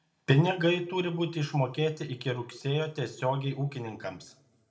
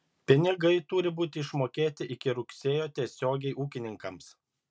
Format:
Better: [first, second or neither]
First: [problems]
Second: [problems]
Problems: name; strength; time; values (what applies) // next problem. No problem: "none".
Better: second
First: room echo; dies away in 0.4 s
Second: none